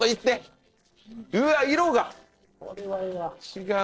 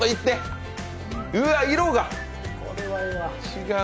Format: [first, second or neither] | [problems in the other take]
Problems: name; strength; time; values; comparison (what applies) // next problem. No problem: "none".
second | noise reduction (neural separator model SepFormer DNS4)